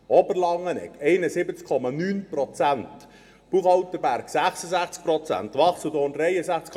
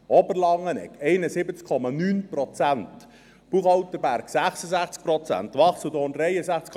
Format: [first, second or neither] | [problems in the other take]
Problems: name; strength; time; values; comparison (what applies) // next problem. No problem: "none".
second | room echo; dies away in 0.5 s